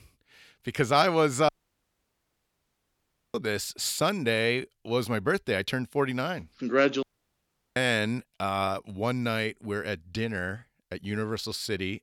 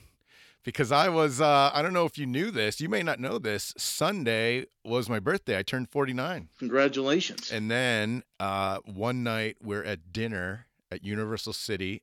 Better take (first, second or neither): second